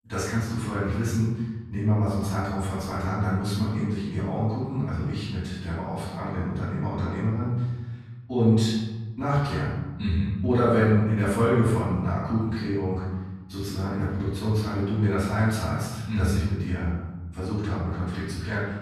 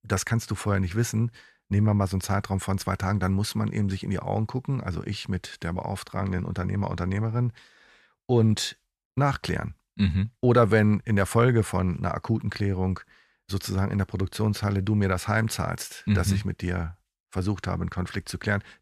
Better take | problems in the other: second | off-mic speech; far // room echo; strong; dies away in 1.3 s

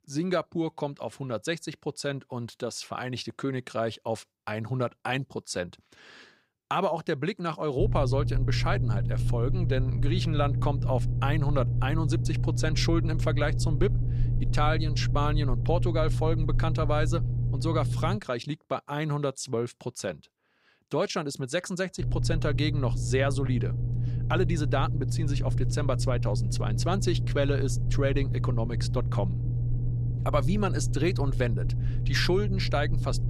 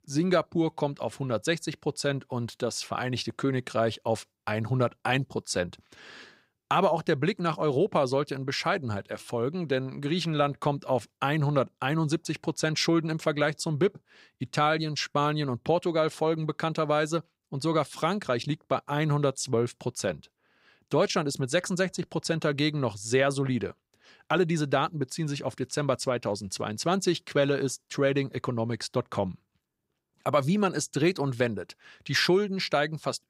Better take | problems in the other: second | low rumble; loud; from 8 to 18 s and from 22 s on; 10 dB below the speech

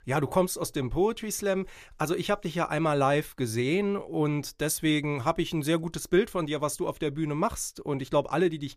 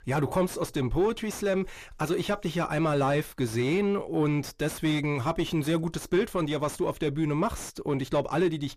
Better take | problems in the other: first | distortion; slight; 10 dB below the speech

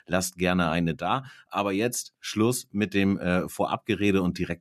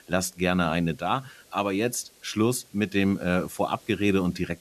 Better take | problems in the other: first | hiss; faint; throughout; 25 dB below the speech

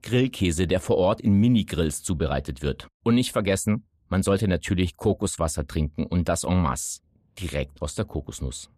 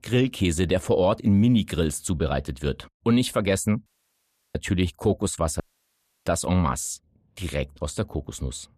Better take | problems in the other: first | audio cutting out; at 4 s for 0.5 s and at 5.5 s for 0.5 s

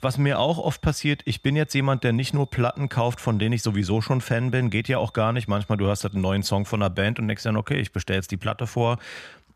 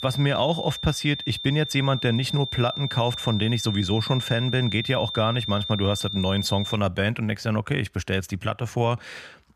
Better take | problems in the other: first | high-pitched whine; loud; until 7 s; 3.5 kHz, 6 dB below the speech; faint in the first

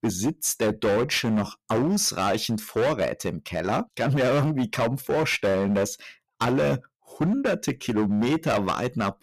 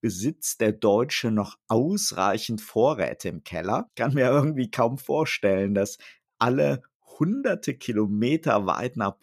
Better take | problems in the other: second | distortion; heavy; 16% of the sound clipped

